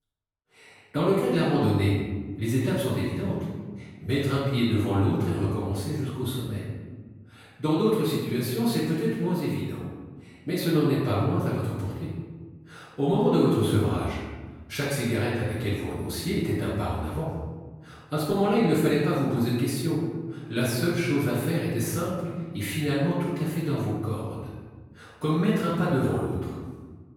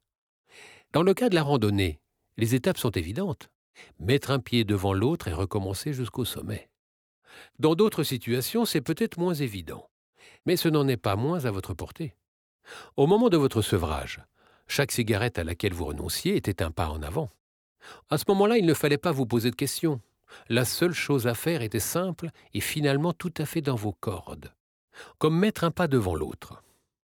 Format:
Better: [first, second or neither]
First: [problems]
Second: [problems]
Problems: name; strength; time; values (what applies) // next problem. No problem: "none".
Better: second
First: off-mic speech; far // room echo; strong; dies away in 1.4 s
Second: none